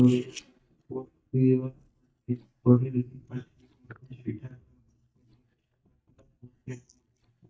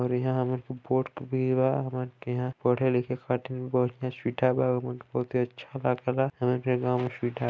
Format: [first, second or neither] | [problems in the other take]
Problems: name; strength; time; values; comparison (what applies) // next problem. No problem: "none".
second | noise reduction (neural mask model DeepFilterNet 3)